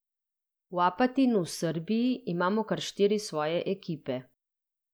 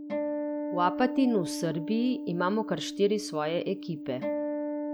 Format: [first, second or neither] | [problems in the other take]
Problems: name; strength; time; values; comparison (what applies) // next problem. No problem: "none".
first | background sound (Acoustic guitar); 4 dB below the speech